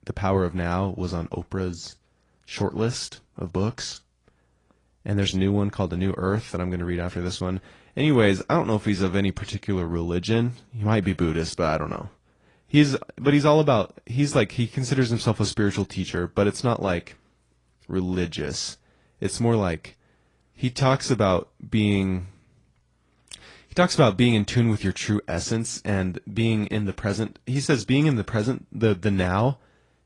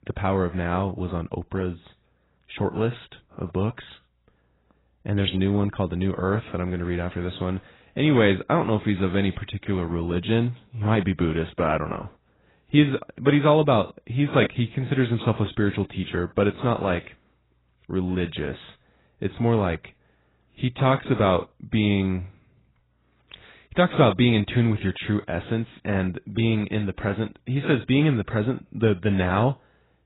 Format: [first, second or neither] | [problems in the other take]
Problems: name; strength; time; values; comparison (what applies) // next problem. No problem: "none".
first | garbled, watery; badly; nothing above 4 kHz; slightly in the first